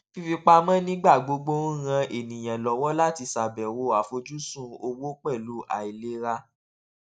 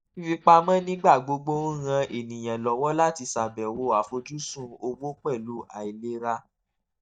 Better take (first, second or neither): first